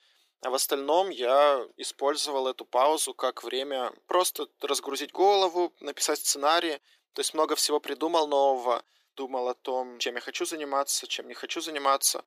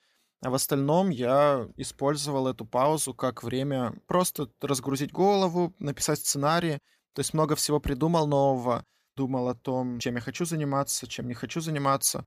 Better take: second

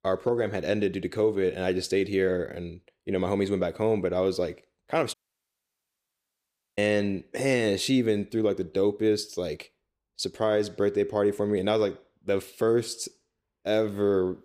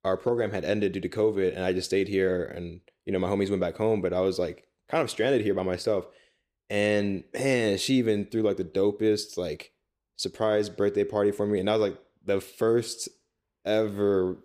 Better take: second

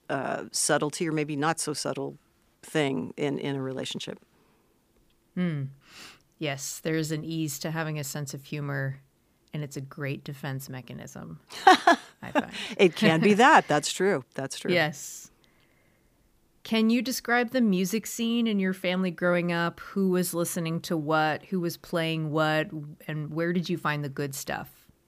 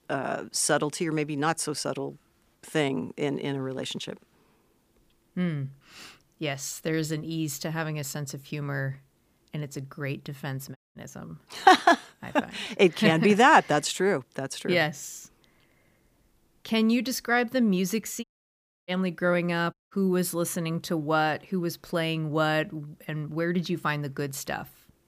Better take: first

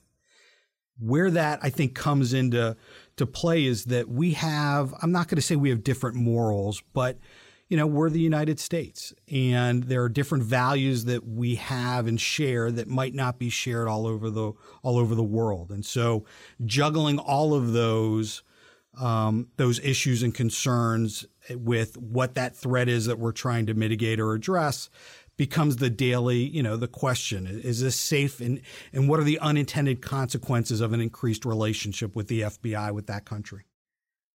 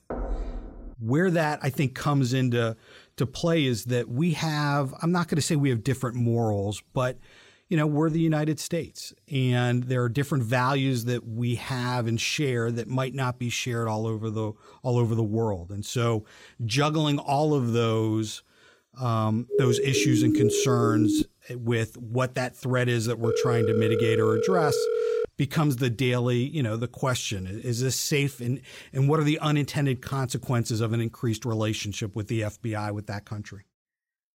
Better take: first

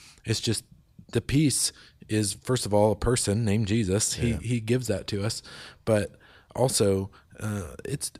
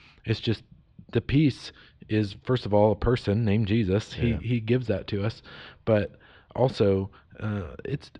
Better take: first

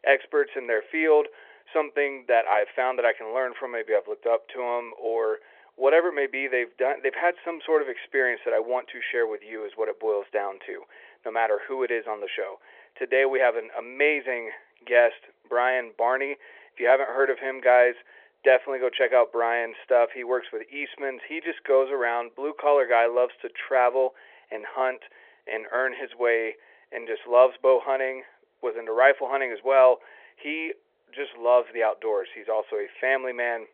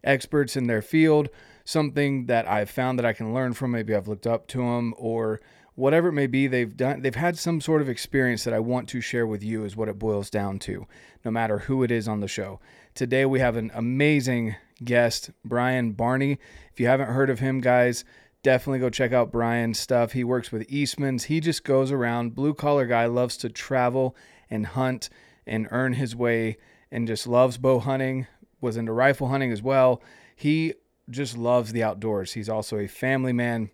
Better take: second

